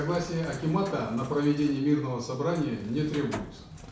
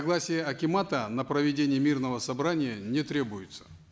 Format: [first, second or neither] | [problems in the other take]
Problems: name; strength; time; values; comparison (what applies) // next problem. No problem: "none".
second | background sound (Bird); 16 dB below the speech // room echo; dies away in 0.6 s